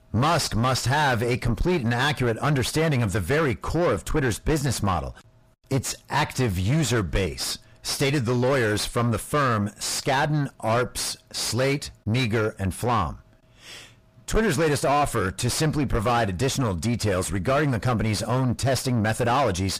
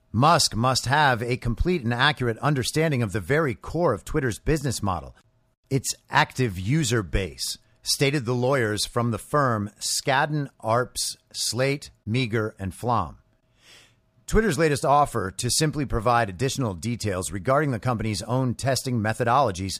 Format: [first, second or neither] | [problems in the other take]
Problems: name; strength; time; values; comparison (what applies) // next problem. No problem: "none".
second | distortion; heavy; 5 dB below the speech